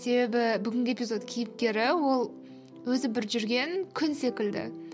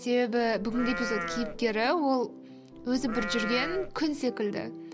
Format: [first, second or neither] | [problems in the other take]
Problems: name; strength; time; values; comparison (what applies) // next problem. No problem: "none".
first | background sound (Livestock, farm animals, working animals); 7 dB below the speech